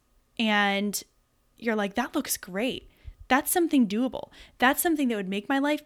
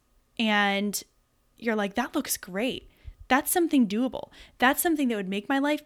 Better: neither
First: none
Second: none

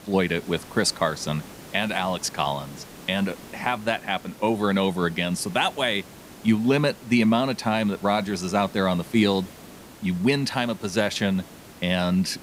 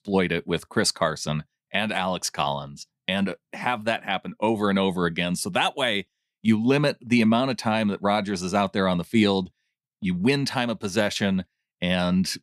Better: second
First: hiss; noticeable; throughout; 20 dB below the speech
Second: none

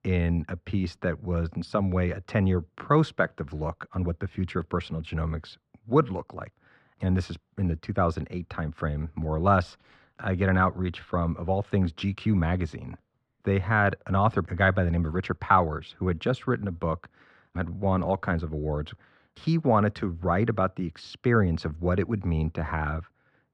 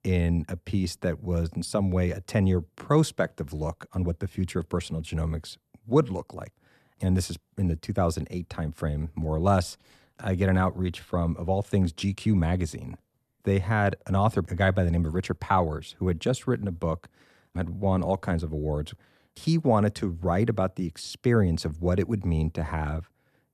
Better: second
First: muffled; slightly; fading above 3 kHz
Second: none

